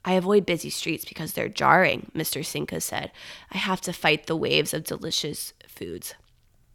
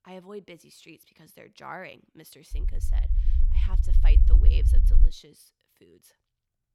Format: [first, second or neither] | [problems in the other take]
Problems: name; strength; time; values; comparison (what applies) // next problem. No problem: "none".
first | low rumble; loud; from 2.5 to 5 s; 3 dB below the speech